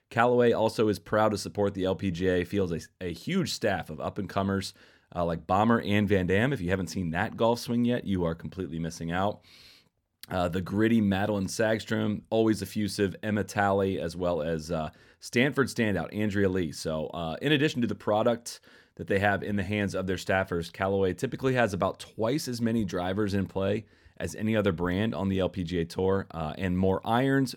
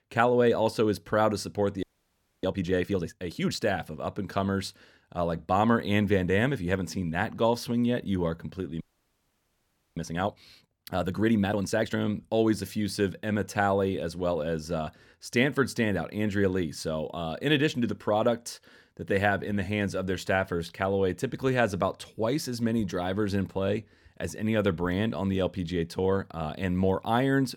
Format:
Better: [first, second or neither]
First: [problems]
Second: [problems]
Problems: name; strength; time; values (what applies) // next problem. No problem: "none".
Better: first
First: none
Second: audio freezing; at 2 s for 0.5 s and at 9 s for 1 s